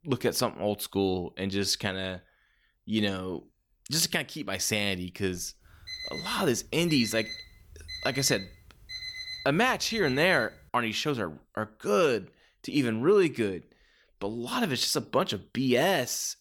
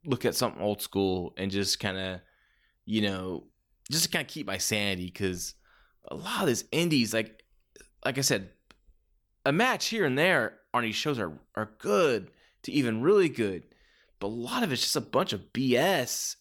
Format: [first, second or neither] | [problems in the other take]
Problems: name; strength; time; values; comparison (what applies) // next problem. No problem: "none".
second | alarm; noticeable; from 5.5 to 11 s; peak 7 dB below the speech